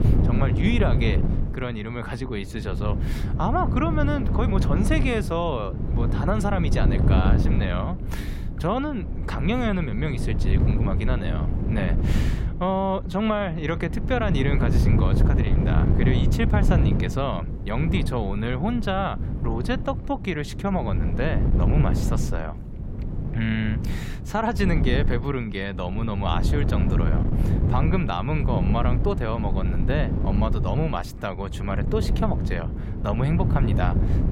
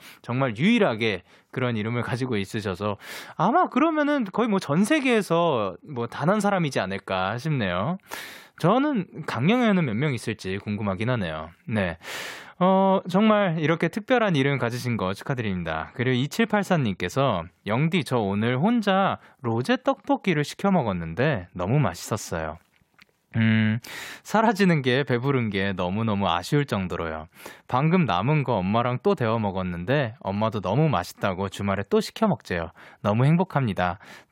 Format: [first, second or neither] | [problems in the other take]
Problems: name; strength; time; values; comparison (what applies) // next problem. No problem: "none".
second | wind noise on the microphone; heavy; 6 dB below the speech